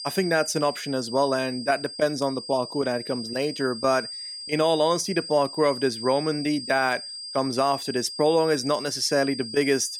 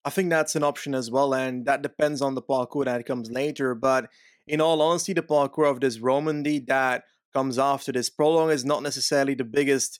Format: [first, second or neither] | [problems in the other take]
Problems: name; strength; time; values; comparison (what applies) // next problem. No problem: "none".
second | high-pitched whine; loud; throughout; 5 kHz, 9 dB below the speech